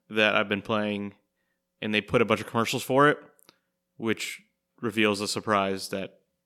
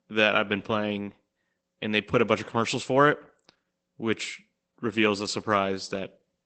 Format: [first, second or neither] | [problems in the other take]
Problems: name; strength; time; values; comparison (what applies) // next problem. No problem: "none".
first | garbled, watery; badly; nothing above 8 kHz